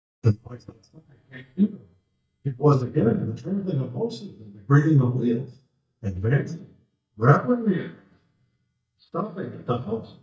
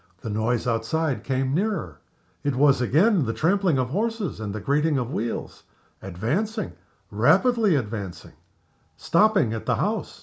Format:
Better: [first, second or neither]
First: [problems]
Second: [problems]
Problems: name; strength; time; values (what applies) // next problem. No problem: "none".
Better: second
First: noise reduction (neural mask model DeepFilterNet 3)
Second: none